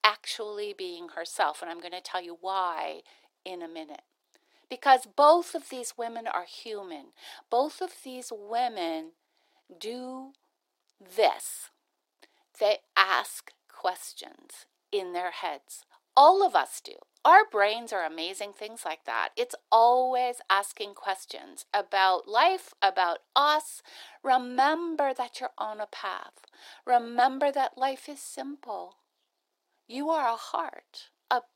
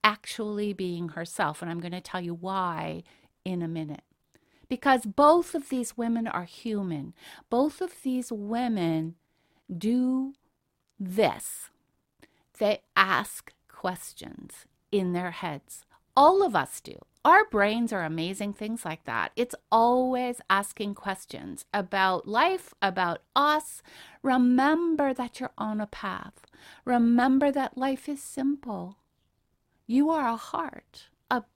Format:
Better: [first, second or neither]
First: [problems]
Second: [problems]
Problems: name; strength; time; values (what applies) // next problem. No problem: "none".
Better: second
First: thin; very; fading below 350 Hz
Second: none